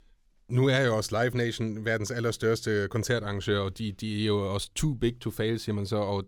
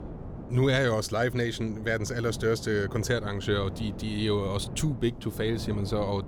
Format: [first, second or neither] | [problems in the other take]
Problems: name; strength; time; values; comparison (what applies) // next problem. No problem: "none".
first | wind noise on the microphone; occasional gusts; 15 dB below the speech